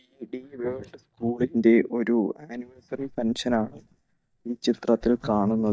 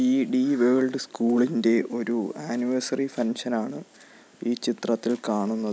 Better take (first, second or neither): second